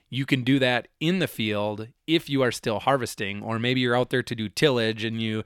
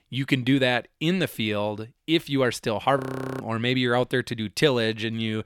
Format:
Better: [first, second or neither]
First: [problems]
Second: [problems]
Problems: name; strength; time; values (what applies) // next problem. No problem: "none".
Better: first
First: none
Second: audio freezing; at 3 s